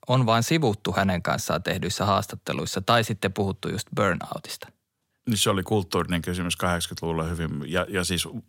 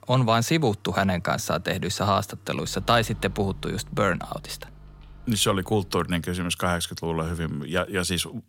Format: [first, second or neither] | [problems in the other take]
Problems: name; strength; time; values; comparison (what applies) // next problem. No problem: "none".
first | household noises; faint; until 6 s; 20 dB below the speech